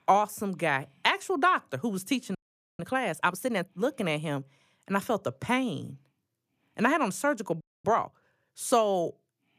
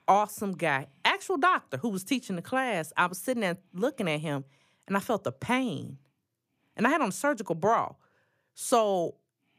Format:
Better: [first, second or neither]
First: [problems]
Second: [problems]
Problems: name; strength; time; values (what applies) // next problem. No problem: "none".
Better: second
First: audio freezing; at 2.5 s and at 7.5 s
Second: none